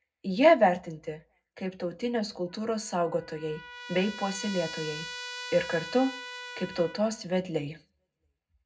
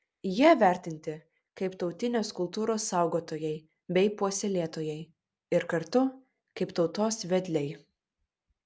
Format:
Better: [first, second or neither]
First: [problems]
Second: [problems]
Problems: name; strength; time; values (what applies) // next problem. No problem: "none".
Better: second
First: background sound (Trumpet); 14 dB below the speech // room echo; dies away in 0.3 s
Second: none